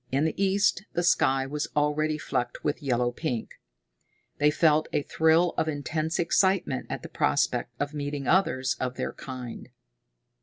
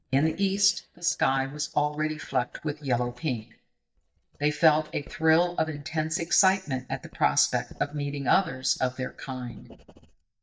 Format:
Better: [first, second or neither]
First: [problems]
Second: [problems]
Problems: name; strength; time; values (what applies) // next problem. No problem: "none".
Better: first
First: none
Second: noise reduction (neural mask model DeepFilterNet 3)